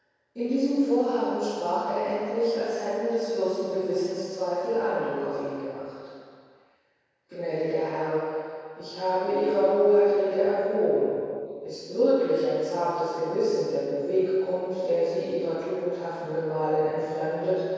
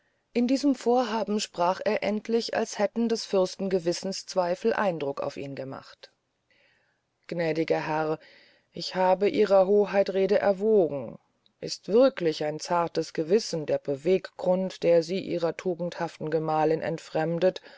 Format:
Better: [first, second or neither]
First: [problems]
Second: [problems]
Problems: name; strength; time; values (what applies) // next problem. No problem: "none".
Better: second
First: room echo; dies away in 2.2 s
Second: none